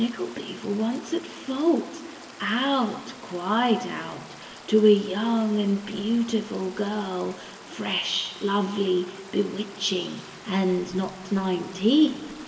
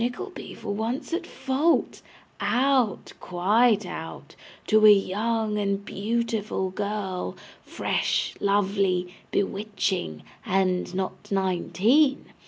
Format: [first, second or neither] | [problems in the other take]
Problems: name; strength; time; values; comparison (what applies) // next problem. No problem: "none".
second | background sound (Stream); 19 dB below the speech // room echo; dies away in 3 s